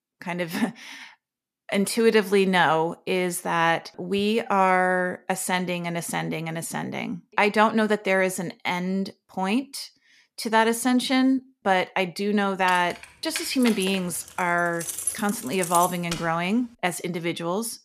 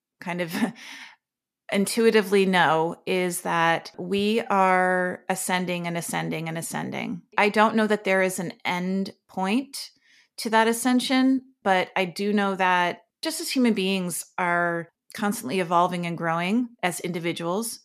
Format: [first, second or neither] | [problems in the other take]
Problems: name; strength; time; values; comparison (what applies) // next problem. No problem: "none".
second | jangling keys; noticeable; from 13 to 16 s; peak 3 dB below the speech